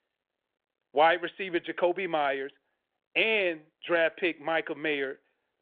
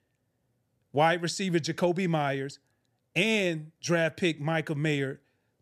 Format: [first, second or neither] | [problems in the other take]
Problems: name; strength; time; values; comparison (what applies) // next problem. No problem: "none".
second | phone-call audio